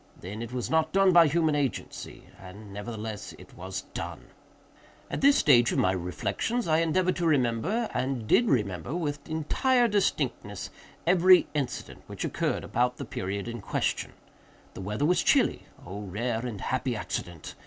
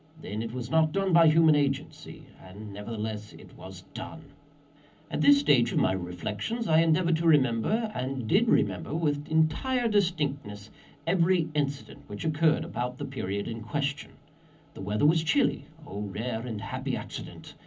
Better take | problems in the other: first | room echo; dies away in 0.4 s

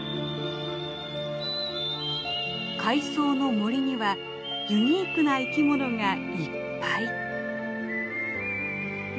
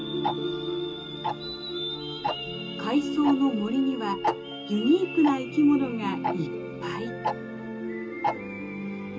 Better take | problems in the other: first | background sound (Tick-tock); 9 dB below the speech // room echo; dies away in 0.2 s

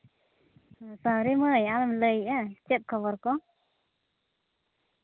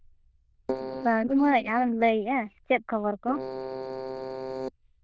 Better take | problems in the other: first | noise reduction (neural diffusion model UNIVERSE++)

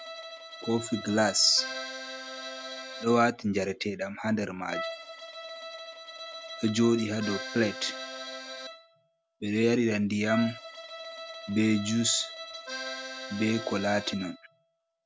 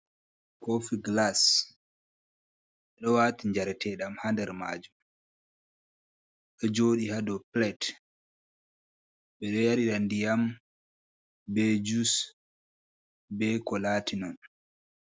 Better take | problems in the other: second | background sound (Accordion + Bowed string instrument); 11 dB below the speech

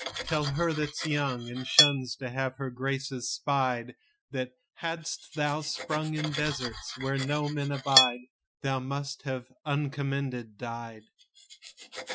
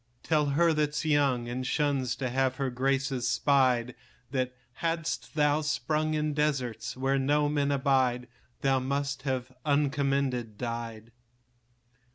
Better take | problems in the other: second | noise reduction (classical method Wiener filter)

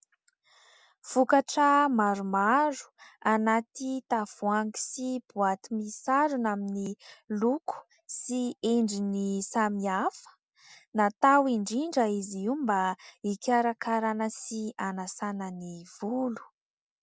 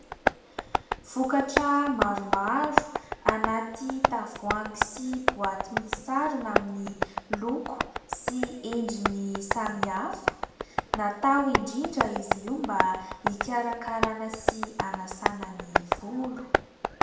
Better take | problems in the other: first | background sound (Tap); as loud as the speech // room echo; dies away in 0.8 s

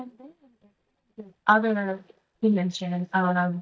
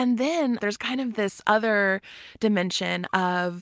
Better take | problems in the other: second | noise reduction (neural mask model DeepFilterNet 3)

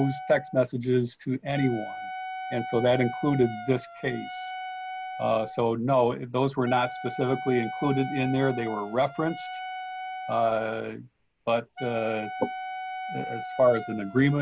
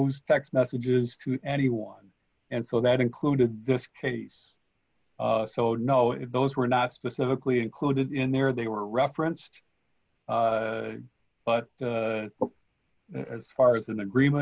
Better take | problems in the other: second | background sound (Wind instrument, woodwind instrument); 10 dB below the speech

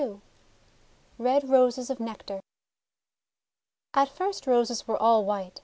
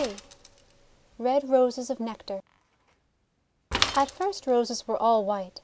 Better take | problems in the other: first | background sound (Mechanisms / Bicycle); 10 dB below the speech

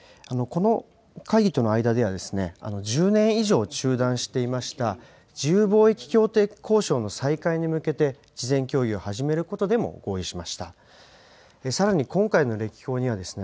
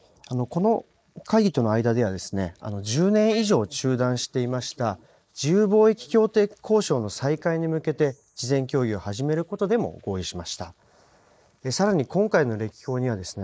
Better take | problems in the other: first | noise reduction (neural mask model Resemble Enhance denoiser)

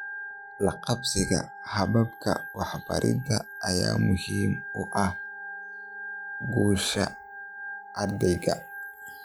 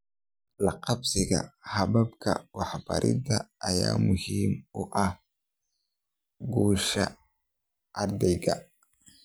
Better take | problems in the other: second | background sound (Organ); 11 dB below the speech

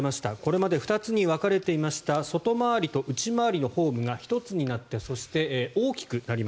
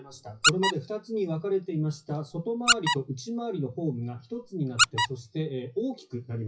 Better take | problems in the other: first | noise reduction (classical method WPE with log-MMSE)

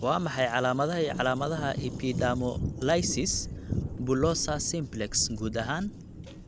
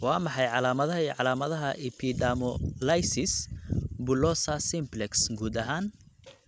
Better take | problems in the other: second | background sound (Thunder); 11 dB below the speech

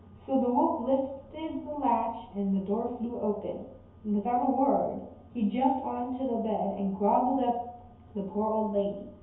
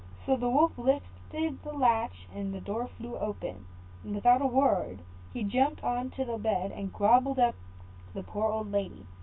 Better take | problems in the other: second | room echo; dies away in 2.2 s

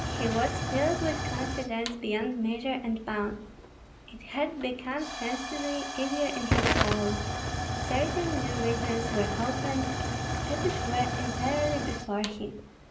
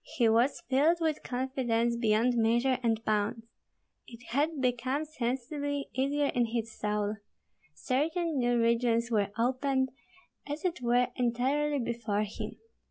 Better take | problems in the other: second | background sound (Tick / Hiss / Explosion / Fire); 1 dB below the speech // room echo; dies away in 0.5 s

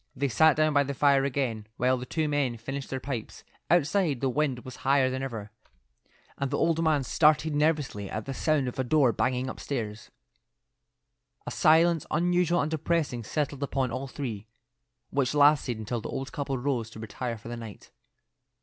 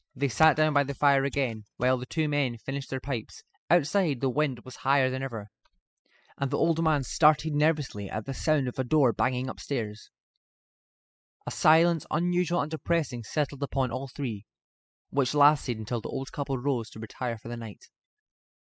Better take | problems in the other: first | noise reduction (classical method spectral subtraction)

